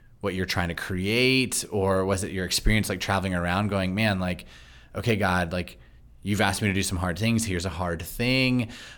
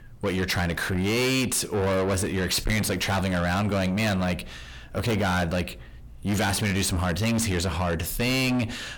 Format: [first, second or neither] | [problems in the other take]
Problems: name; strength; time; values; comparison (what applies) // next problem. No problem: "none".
first | distortion; heavy; 7 dB below the speech